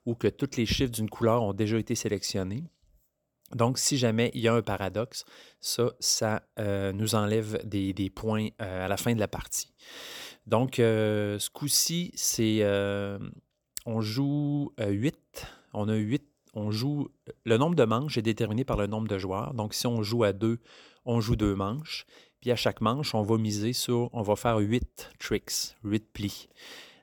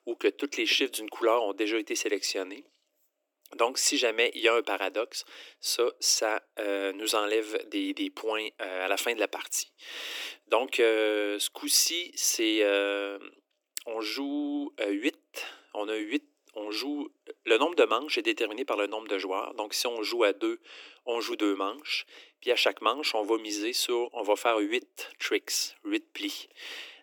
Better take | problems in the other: first | thin; somewhat; fading below 300 Hz

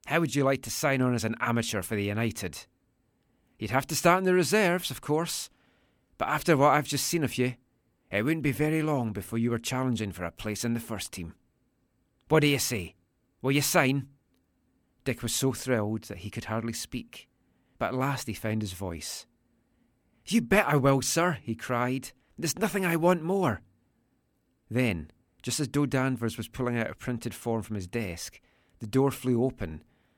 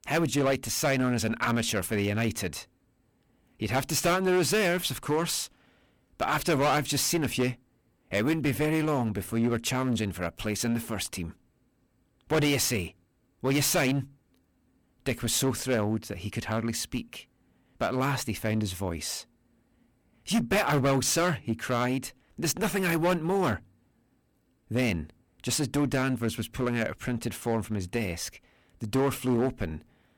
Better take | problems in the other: first | distortion; heavy; 8% of the sound clipped

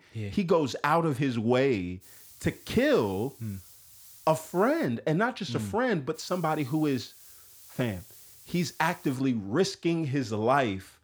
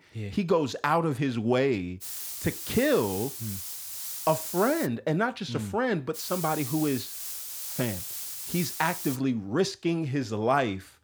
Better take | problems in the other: first | hiss; loud; from 2 to 5 s and from 6 to 9 s; 5 dB below the speech; faint in the first

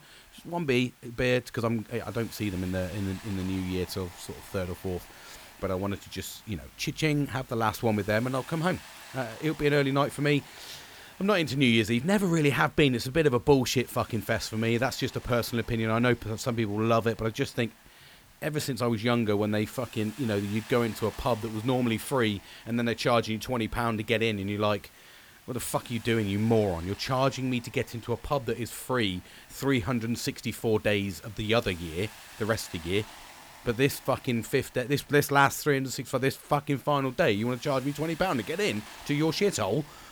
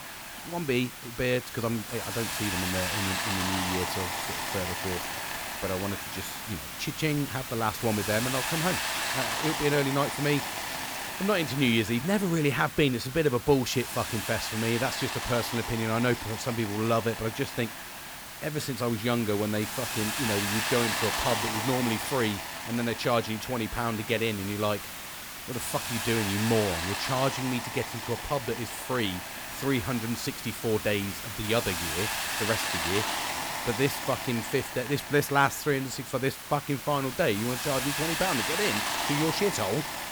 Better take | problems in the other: first | hiss; loud; throughout; 3 dB below the speech; faint in the first

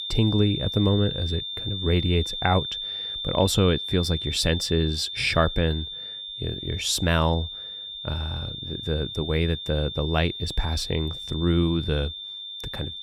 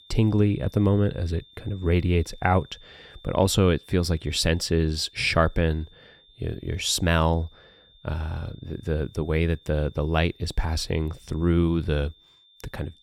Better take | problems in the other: second | high-pitched whine; loud; throughout; 3.5 kHz, 6 dB below the speech; faint in the second

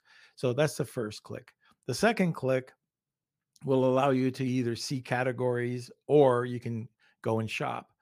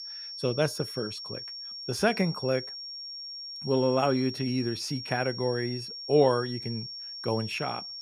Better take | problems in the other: first | high-pitched whine; loud; throughout; 5.5 kHz, 8 dB below the speech

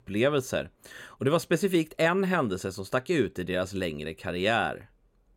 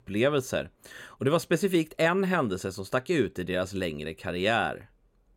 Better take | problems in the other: neither | none

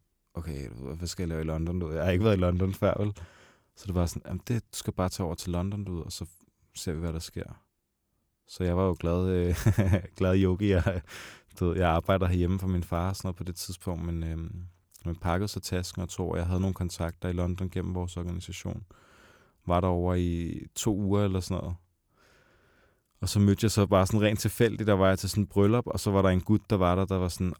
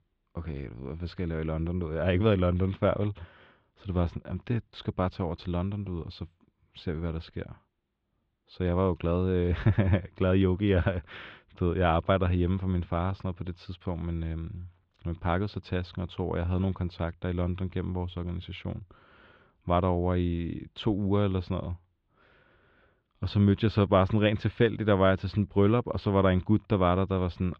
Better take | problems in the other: first | muffled; very; fading above 3.5 kHz

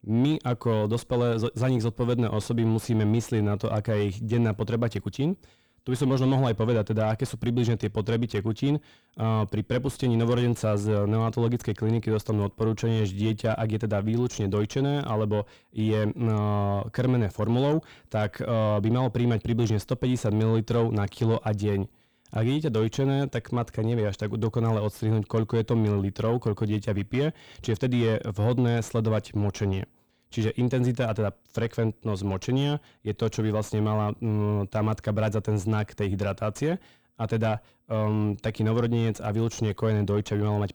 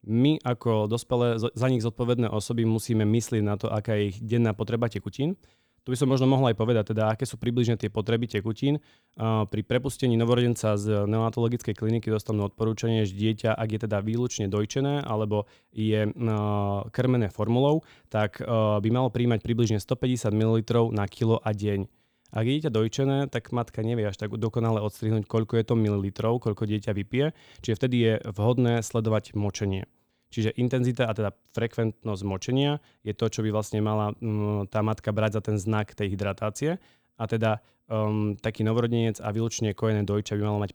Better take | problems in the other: second | distortion; slight; 10 dB below the speech

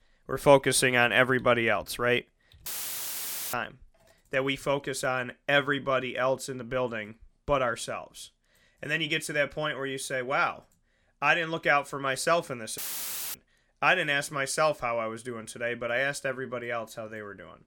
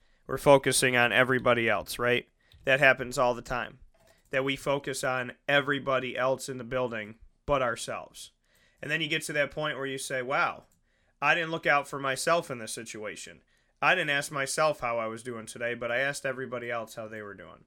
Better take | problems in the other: second | audio cutting out; filled with static; at 2.5 s for 1 s and at 13 s for 0.5 s

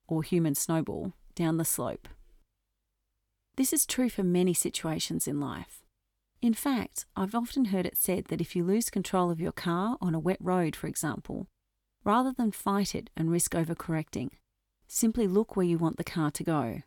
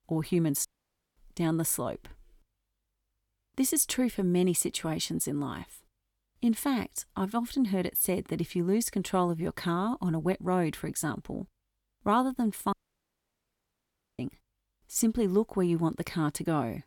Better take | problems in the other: first | audio cutting out; at 0.5 s for 0.5 s and at 13 s for 1.5 s

